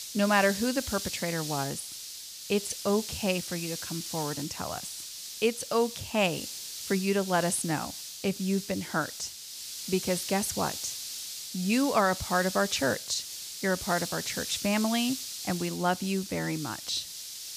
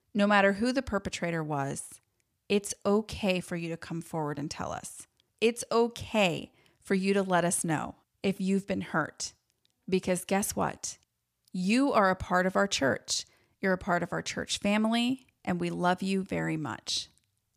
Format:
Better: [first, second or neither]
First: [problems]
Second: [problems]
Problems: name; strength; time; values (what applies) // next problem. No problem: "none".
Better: second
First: hiss; loud; throughout; 6 dB below the speech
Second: none